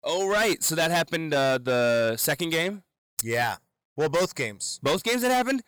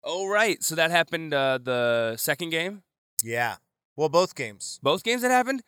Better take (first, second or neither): second